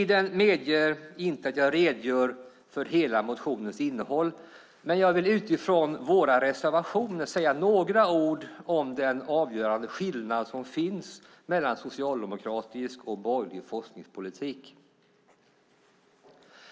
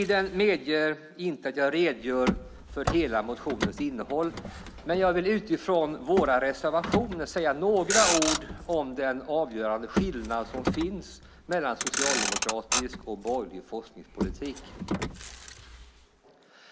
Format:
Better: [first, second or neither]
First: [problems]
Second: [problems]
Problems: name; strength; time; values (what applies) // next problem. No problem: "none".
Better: first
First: none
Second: background sound (Motor vehicle (road)); 5 dB below the speech